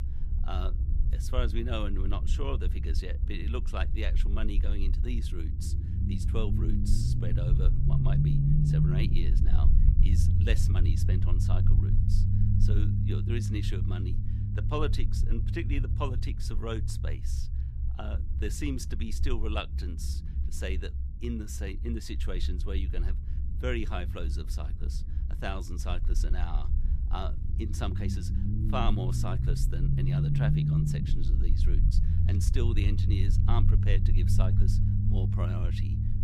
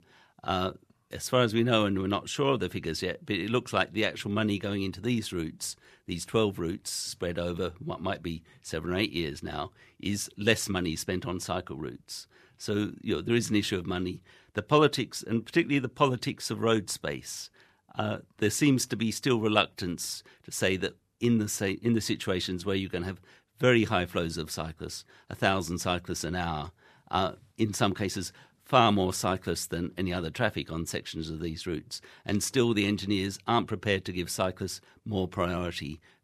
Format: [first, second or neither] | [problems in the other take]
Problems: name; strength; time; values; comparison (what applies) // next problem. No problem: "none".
second | low rumble; loud; throughout; 3 dB below the speech